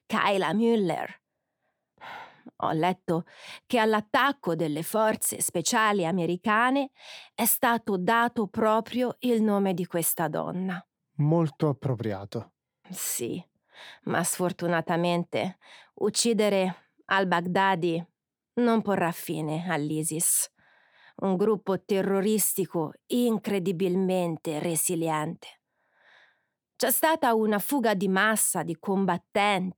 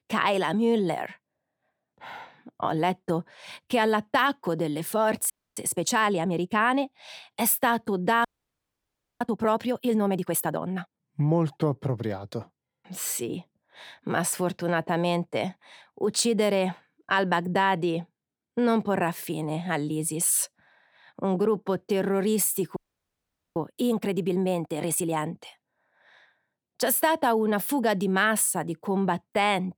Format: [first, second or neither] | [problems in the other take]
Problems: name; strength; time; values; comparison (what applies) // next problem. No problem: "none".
first | audio freezing; at 5.5 s, at 8.5 s for 1 s and at 23 s for 1 s